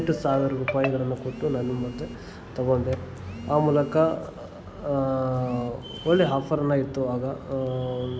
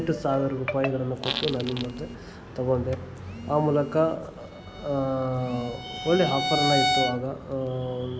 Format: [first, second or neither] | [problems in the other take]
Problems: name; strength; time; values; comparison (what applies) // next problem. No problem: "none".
first | background sound (Bowed string instrument + Fart); 4 dB below the speech